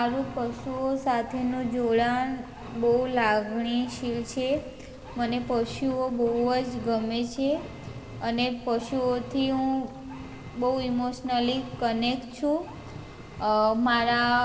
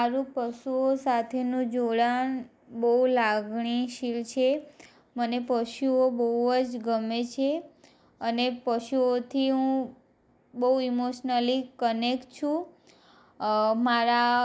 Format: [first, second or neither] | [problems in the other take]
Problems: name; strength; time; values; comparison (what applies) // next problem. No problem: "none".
second | background sound (Engine); 15 dB below the speech // room echo; dies away in 2 s